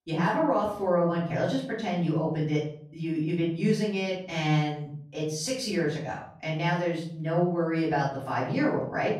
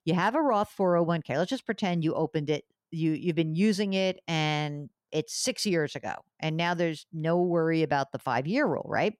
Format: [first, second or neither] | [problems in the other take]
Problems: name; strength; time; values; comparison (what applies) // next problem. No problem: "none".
second | room echo; noticeable; dies away in 0.5 s // off-mic speech; far